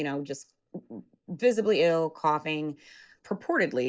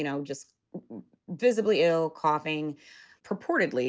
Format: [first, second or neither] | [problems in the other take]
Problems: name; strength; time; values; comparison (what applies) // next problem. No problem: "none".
second | noise reduction (neural mask model Resemble Enhance denoiser)